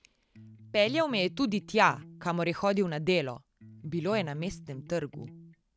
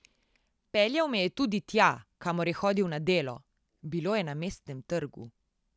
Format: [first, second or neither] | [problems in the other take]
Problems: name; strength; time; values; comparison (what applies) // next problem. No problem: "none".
second | background sound (Electric guitar); 17 dB below the speech